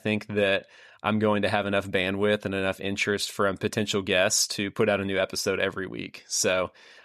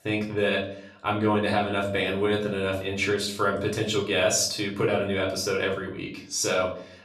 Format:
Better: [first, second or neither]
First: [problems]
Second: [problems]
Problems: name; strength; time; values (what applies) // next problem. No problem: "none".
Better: first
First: none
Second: off-mic speech; far // room echo; slight; dies away in 0.5 s